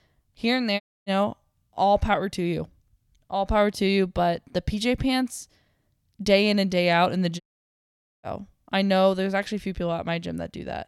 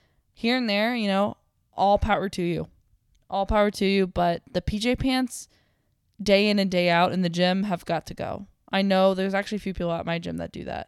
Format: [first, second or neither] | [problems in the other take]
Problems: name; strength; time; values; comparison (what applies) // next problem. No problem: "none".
second | audio cutting out; at 1 s and at 7.5 s for 1 s